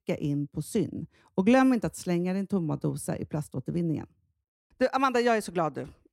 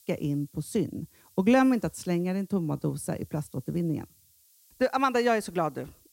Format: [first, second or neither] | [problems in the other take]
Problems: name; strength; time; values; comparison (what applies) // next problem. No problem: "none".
first | hiss; faint; throughout; 30 dB below the speech